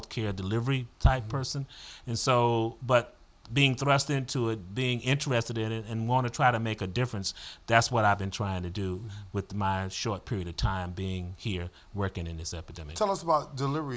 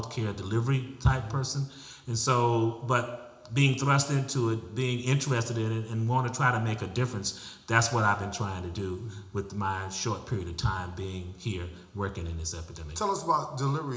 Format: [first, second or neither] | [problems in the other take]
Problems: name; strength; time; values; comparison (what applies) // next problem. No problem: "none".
first | room echo; dies away in 0.8 s